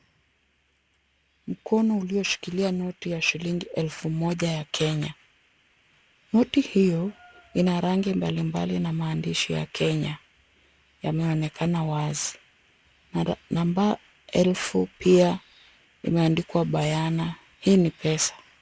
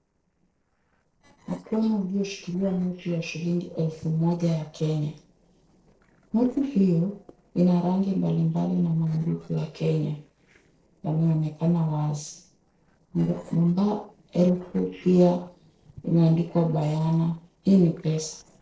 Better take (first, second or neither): first